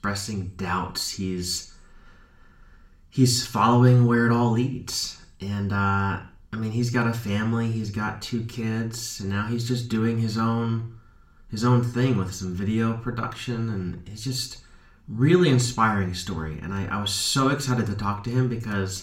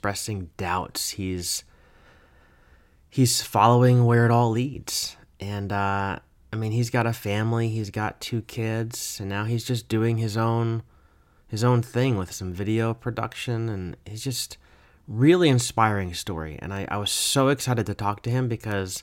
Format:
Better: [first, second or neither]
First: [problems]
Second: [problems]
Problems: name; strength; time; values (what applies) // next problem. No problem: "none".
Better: second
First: room echo; very slight; dies away in 0.4 s // off-mic speech; somewhat distant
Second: none